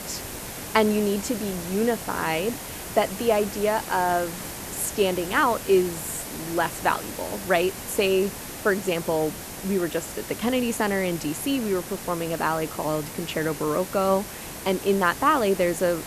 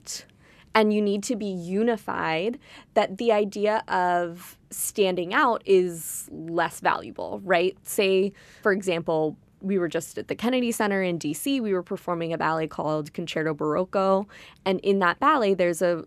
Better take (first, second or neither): second